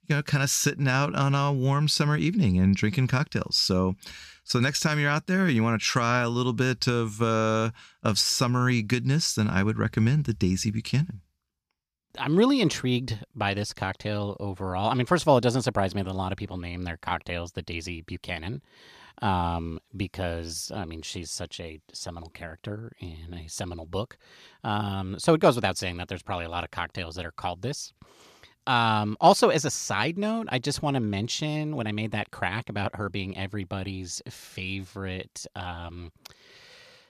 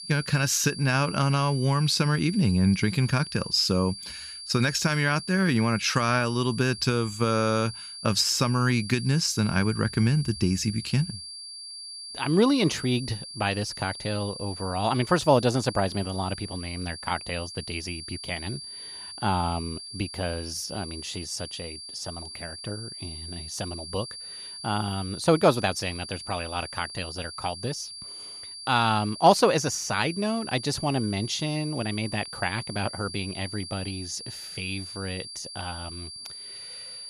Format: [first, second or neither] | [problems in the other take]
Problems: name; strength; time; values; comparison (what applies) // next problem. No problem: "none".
first | high-pitched whine; noticeable; throughout; 4.5 kHz, 10 dB below the speech